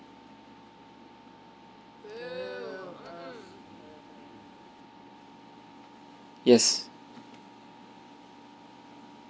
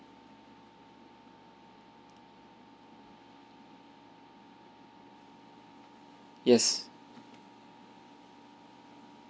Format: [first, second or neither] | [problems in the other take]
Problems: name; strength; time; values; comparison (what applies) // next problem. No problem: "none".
second | background sound (Crowd); 9 dB below the speech